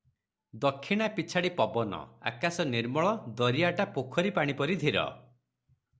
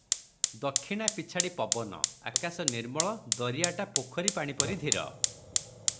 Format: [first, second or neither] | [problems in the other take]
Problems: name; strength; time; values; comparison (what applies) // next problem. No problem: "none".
first | background sound (Fire); 2 dB above the speech